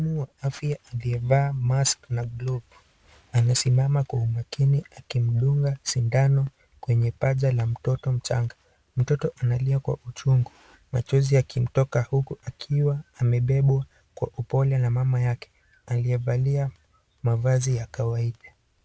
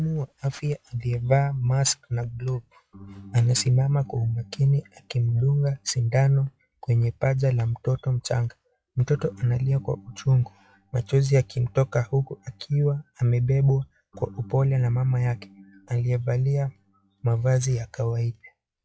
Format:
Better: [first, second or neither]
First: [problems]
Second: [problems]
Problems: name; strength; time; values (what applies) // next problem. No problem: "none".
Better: first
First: none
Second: noise reduction (classical method log-MMSE)